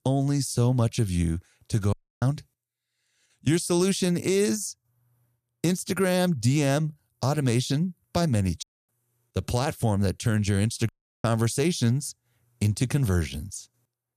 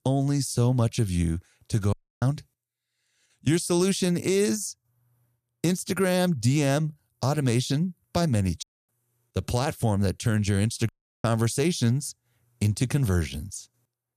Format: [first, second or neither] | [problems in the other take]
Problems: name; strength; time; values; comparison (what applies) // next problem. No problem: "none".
neither | audio cutting out; at 2 s, at 8.5 s and at 11 s; the same in both